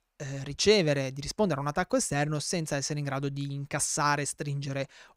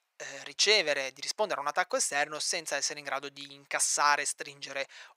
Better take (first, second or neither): first